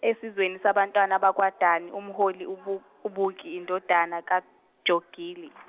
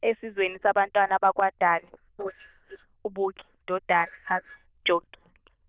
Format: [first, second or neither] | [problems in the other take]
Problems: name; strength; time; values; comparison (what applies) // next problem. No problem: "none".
first | noise reduction (neural diffusion model UNIVERSE++)